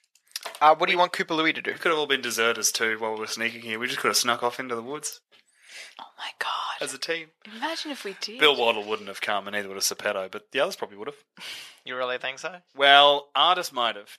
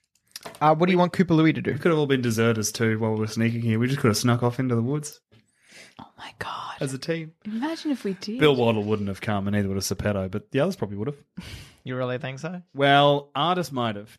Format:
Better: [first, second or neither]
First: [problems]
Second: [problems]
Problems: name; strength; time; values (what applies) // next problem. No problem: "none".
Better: second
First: thin; very; fading below 650 Hz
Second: none